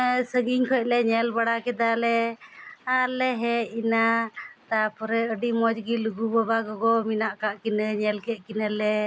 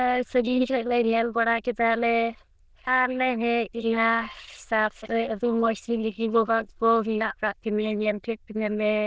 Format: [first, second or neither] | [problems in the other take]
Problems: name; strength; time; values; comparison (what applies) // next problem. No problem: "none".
first | noise reduction (neural diffusion model UNIVERSE++)